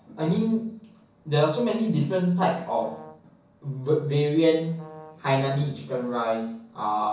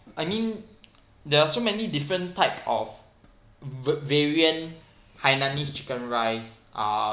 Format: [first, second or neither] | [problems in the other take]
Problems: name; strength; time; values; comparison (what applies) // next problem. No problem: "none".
second | background sound (Brass instrument); 20 dB below the speech // room echo; dies away in 0.6 s